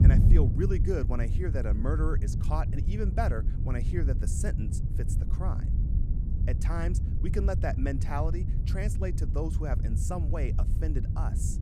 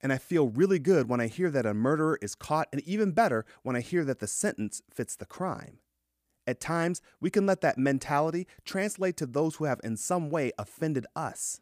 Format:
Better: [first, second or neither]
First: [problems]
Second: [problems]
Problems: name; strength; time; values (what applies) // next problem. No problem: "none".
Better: second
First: wind noise on the microphone; heavy; 6 dB below the speech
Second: none